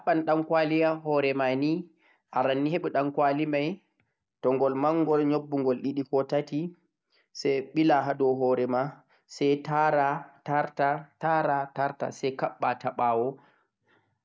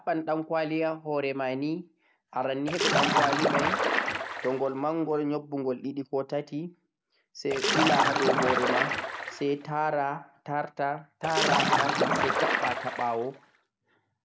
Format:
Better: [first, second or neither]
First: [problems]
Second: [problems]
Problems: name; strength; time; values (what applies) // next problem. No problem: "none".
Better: first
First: none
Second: background sound (Splash, splatter); 3 dB above the speech